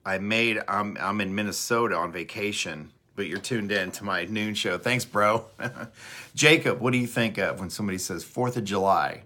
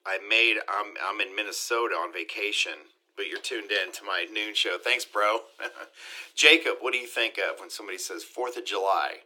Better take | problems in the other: first | thin; very; fading below 300 Hz

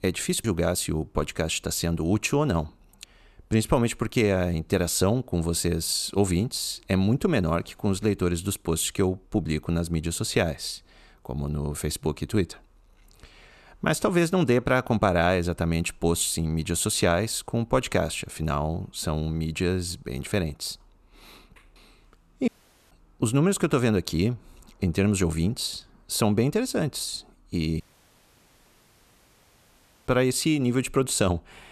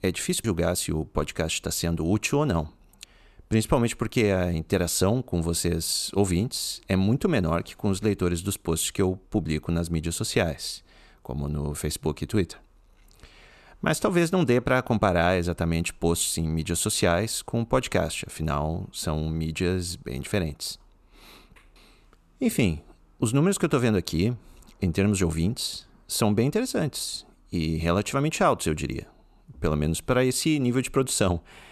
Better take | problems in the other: second | audio cutting out; at 22 s and at 28 s for 2.5 s

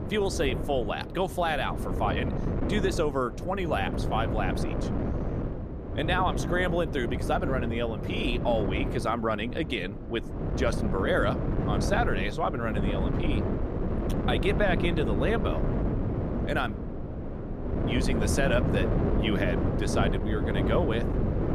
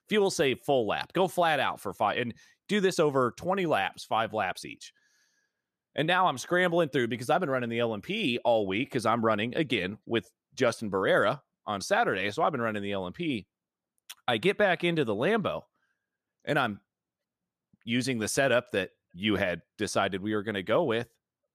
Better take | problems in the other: second | wind noise on the microphone; heavy; 6 dB below the speech

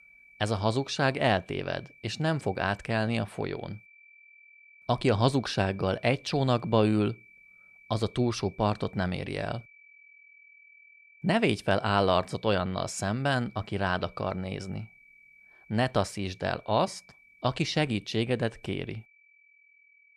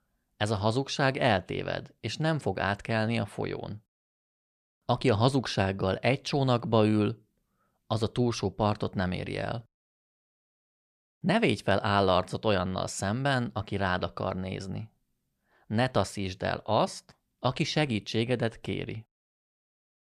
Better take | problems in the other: second | high-pitched whine; faint; throughout; 2.5 kHz, 25 dB below the speech

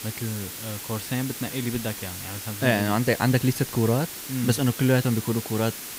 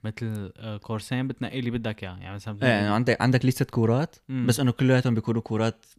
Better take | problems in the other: second | hiss; loud; throughout; 9 dB below the speech

